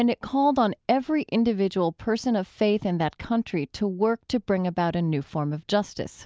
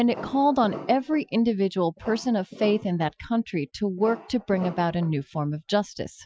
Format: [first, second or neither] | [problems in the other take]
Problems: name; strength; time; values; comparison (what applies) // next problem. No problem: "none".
first | noise reduction (classical method Wiener filter)